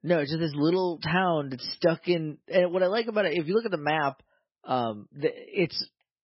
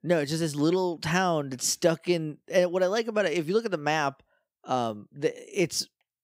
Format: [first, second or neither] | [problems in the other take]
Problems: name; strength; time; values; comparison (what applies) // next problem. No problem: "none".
second | garbled, watery; badly; nothing above 5.5 kHz